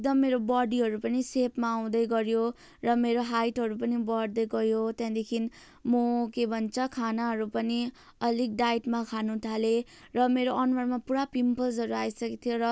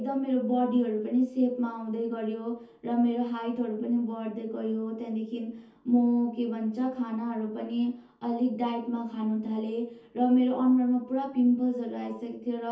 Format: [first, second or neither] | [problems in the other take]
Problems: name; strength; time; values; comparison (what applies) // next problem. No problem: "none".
first | room echo; dies away in 0.5 s